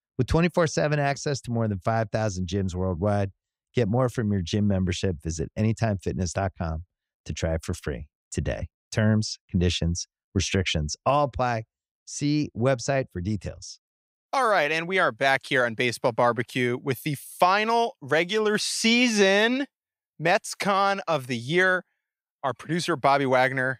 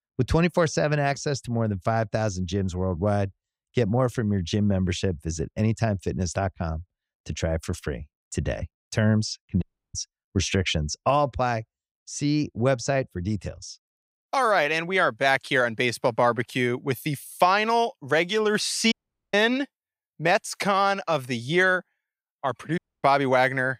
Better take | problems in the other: first | audio cutting out; at 9.5 s, at 19 s and at 23 s

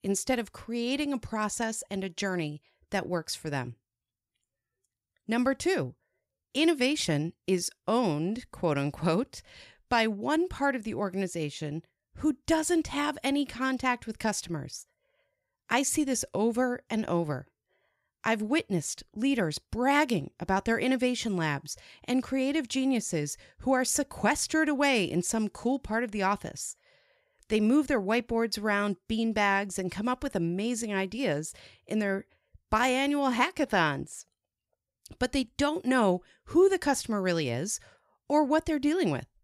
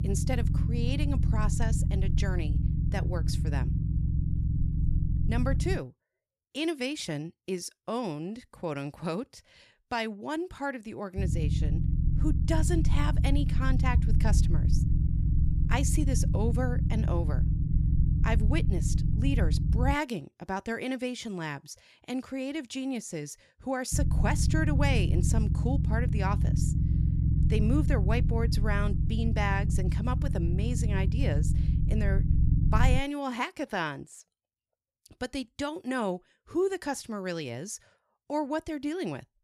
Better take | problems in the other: first | low rumble; loud; until 6 s, from 11 to 20 s and from 24 to 33 s; 6 dB below the speech

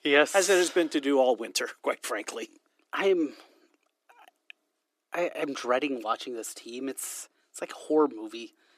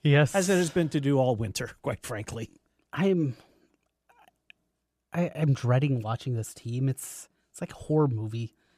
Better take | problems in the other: second | thin; somewhat; fading below 300 Hz

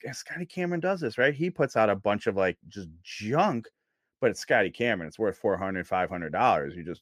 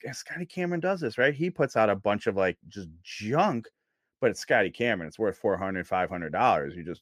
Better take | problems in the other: neither | none

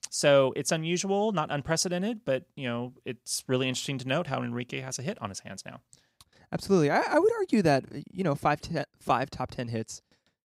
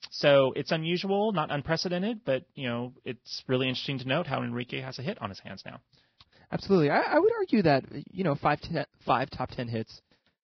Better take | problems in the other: first | garbled, watery; badly; nothing above 5.5 kHz

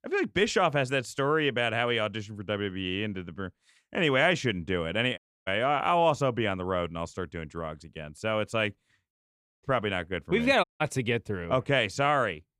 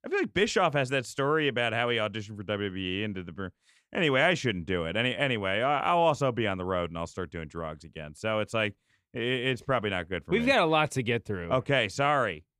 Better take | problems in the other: second | audio cutting out; at 5 s, at 9 s for 0.5 s and at 11 s

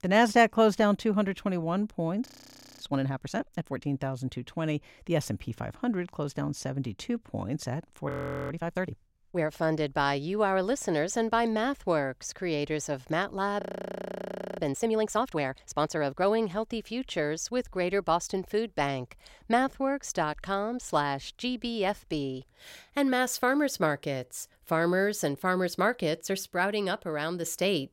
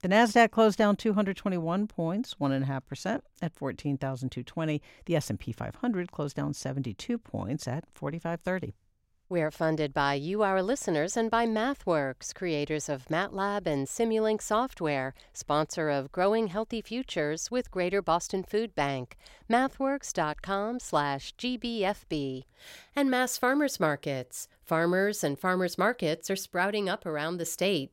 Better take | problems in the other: second | audio freezing; at 2.5 s for 0.5 s, at 8 s and at 14 s for 1 s

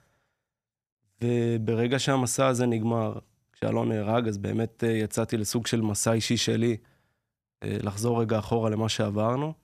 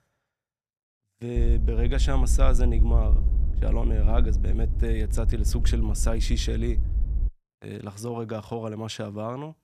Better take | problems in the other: first | low rumble; noticeable; from 1.5 to 7.5 s; 10 dB below the speech

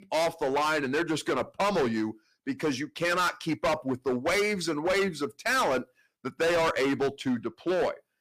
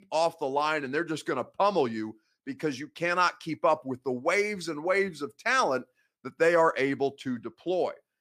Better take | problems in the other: second | distortion; heavy; 17% of the sound clipped

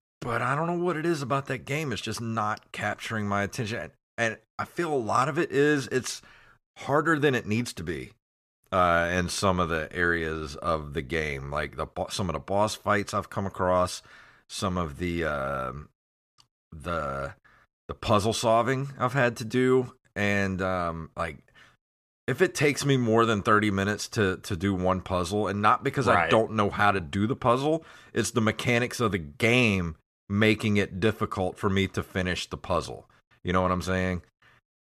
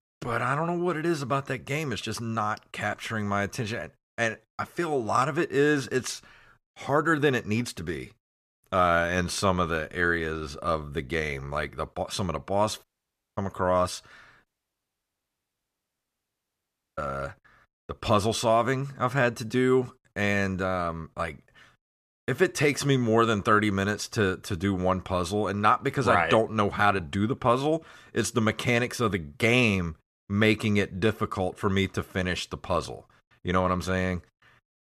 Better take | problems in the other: first | audio cutting out; at 13 s for 0.5 s and at 14 s for 2.5 s

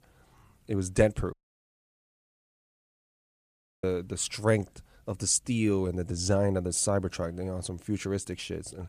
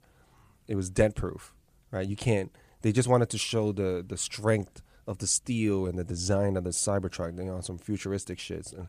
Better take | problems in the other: second | audio cutting out; at 1.5 s for 2.5 s

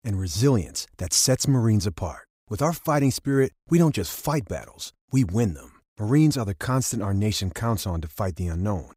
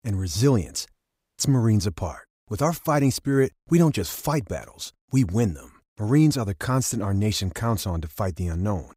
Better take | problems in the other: first | audio cutting out; at 1 s

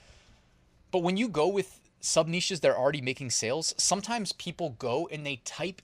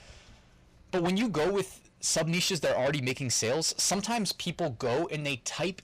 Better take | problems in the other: first | distortion; heavy; 6 dB below the speech

